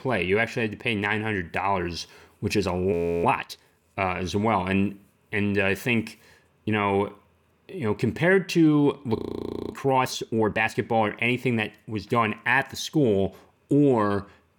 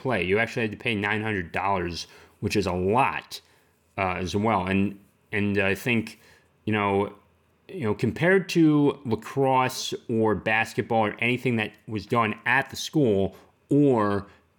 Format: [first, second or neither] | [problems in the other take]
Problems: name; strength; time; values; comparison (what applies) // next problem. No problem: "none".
second | audio freezing; at 3 s and at 9 s for 0.5 s